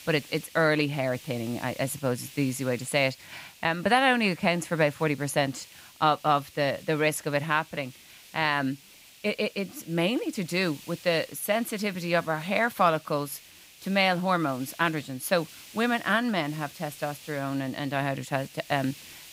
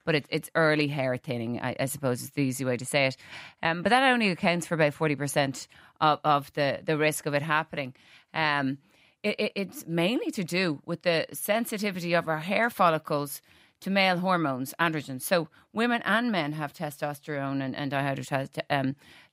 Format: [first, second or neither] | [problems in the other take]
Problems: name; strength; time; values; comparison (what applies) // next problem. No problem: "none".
second | hiss; noticeable; throughout; 20 dB below the speech